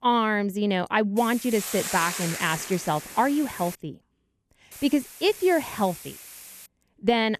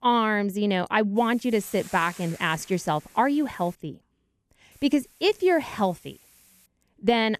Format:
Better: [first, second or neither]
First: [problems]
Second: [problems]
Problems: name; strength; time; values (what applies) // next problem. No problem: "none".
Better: second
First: hiss; loud; from 1 to 4 s and from 4.5 to 6.5 s; 10 dB below the speech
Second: hiss; faint; from 1 to 4 s and from 4.5 to 6.5 s; 25 dB below the speech